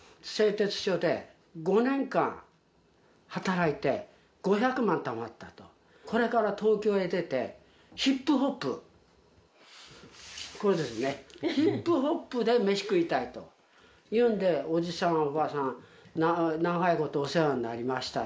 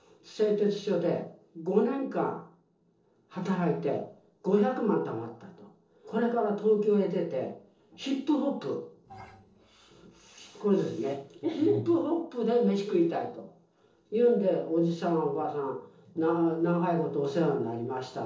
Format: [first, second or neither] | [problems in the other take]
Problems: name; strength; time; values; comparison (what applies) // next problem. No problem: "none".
first | noise reduction (neural separator model SepFormer DNS4)